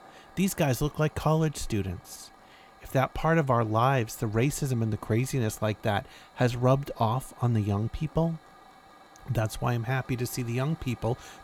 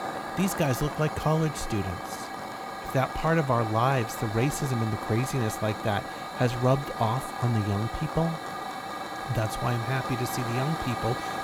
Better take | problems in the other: first | hiss; loud; throughout; 6 dB below the speech; faint in the first

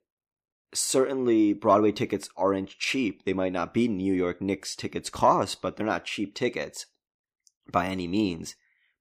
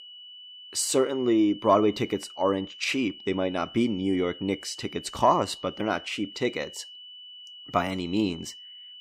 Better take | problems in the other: first | high-pitched whine; noticeable; throughout; 3 kHz, 15 dB below the speech

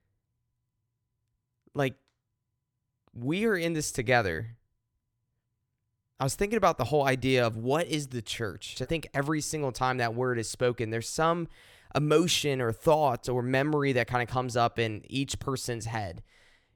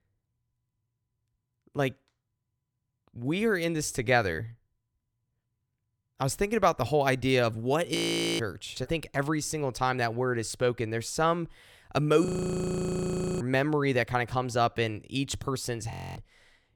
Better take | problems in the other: first | audio freezing; at 8 s, at 12 s for 1 s and at 16 s

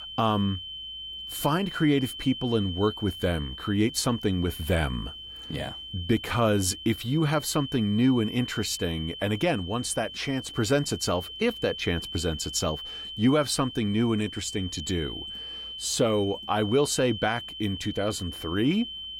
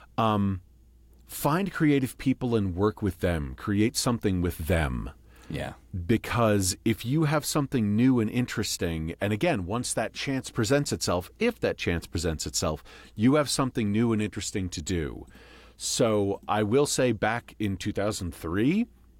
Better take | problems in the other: second | high-pitched whine; loud; throughout; 3 kHz, 10 dB below the speech

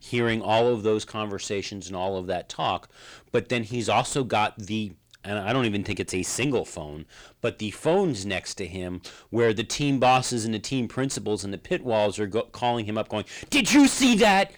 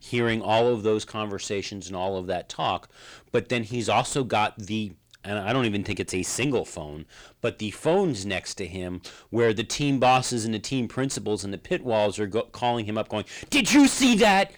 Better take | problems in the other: neither | distortion; heavy; 6 dB below the speech; the same in both

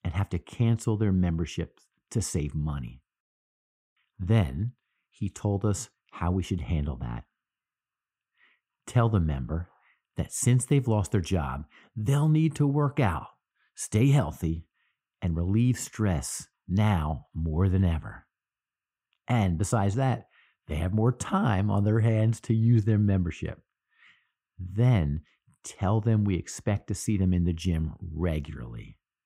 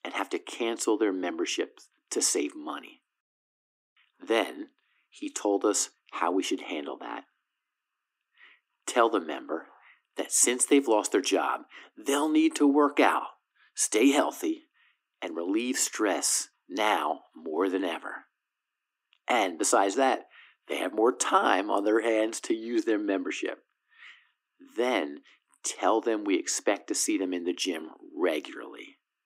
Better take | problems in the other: first | thin; very; fading below 300 Hz

